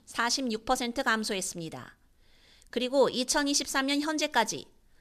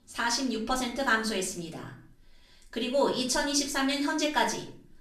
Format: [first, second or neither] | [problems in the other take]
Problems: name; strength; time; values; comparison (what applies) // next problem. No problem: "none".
first | room echo; slight; dies away in 0.4 s // off-mic speech; far